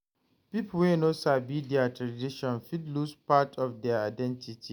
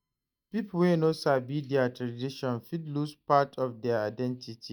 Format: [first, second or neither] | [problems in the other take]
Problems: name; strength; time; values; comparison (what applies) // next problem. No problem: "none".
first | noise reduction (neural mask model DeepFilterNet 3)